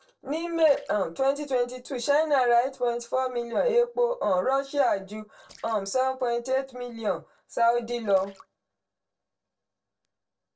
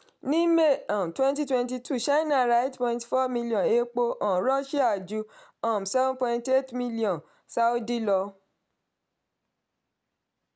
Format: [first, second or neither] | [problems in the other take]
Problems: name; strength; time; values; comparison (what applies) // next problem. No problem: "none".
second | noise reduction (neural separator model SepFormer DNS4)